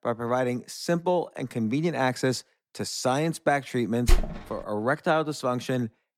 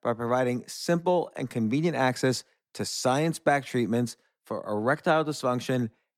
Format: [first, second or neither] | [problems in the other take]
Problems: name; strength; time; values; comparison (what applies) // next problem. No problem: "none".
second | door banging; noticeable; at 4 s; peak level with the speech